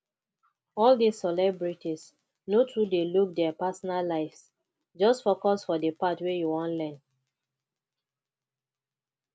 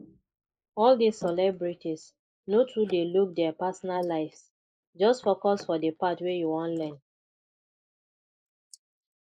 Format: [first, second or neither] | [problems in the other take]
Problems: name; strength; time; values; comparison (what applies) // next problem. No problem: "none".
first | noise reduction (neural mask model Resemble Enhance denoiser)